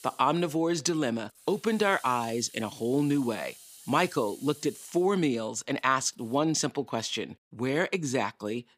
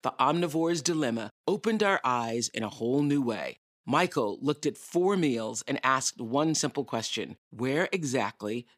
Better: second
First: hiss; faint; until 6.5 s; 20 dB below the speech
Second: none

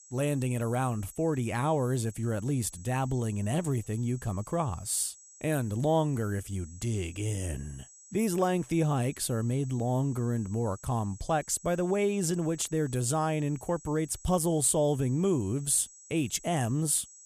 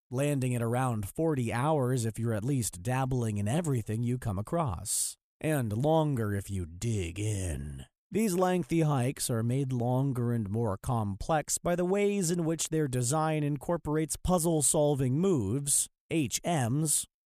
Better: second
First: high-pitched whine; faint; throughout; 7.5 kHz, 20 dB below the speech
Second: none

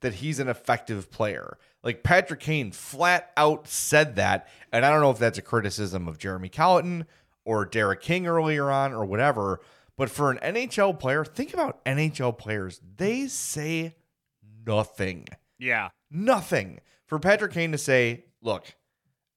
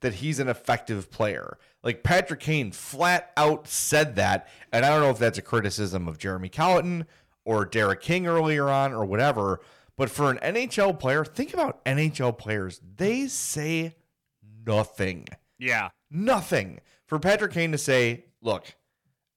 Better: first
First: none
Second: distortion; slight; 3% of the sound clipped

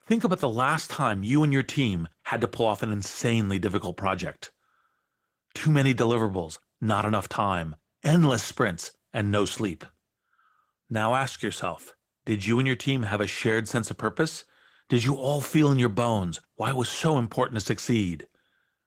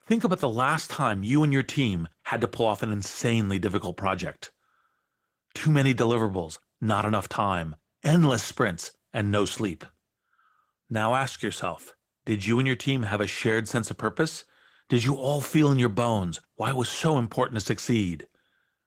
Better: neither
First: garbled, watery; slightly; nothing above 16 kHz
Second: garbled, watery; slightly; nothing above 16 kHz

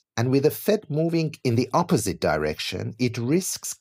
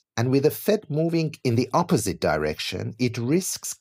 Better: neither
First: none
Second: none

